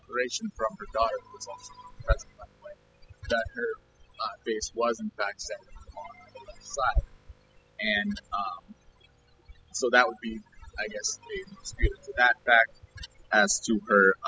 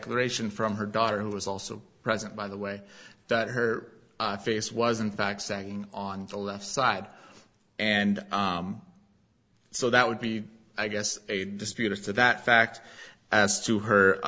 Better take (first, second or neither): second